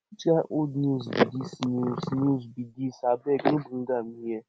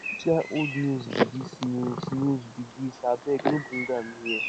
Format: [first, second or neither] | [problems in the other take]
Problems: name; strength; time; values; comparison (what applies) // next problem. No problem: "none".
first | background sound (Bird vocalization, bird call, bird song); 11 dB below the speech